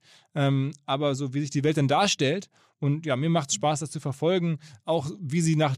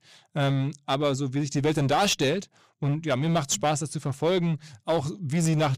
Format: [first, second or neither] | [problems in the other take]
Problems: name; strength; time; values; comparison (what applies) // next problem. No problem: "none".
first | distortion; slight; 10% of the sound clipped